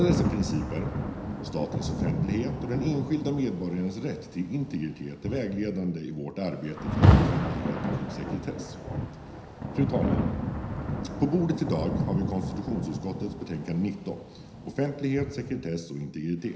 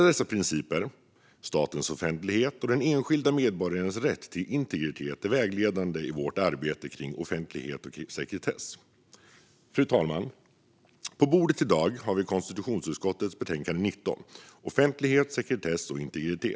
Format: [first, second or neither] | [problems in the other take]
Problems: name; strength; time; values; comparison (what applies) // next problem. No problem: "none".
second | background sound (Rain); 1 dB above the speech // room echo; dies away in 0.9 s